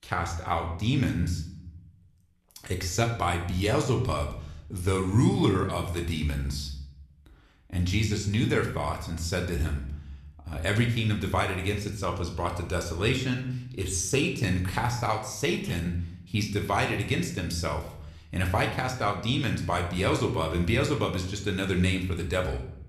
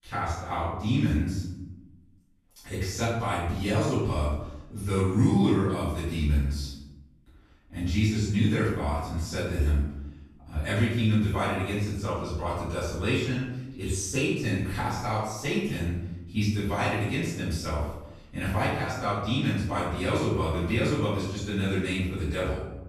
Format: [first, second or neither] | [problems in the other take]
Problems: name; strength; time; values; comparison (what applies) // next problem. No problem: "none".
first | room echo; strong; dies away in 0.9 s; slight in the first // off-mic speech; far